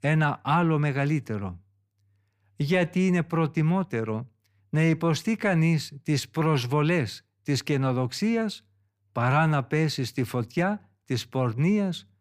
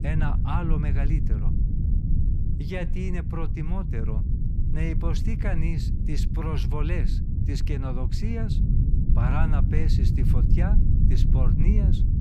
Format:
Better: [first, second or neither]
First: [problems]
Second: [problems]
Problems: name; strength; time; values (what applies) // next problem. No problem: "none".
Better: first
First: none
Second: low rumble; loud; throughout; 3 dB below the speech